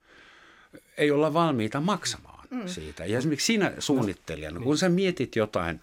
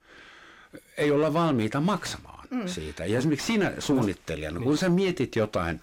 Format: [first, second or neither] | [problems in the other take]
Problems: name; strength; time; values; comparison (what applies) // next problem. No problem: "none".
first | distortion; slight; 10 dB below the speech